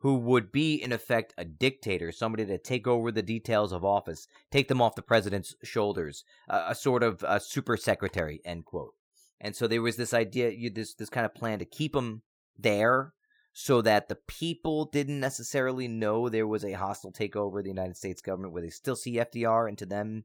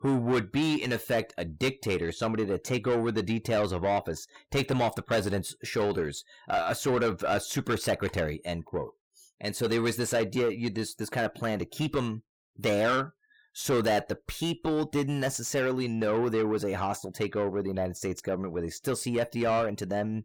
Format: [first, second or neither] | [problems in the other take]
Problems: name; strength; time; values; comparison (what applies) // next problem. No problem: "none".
first | distortion; heavy; 8 dB below the speech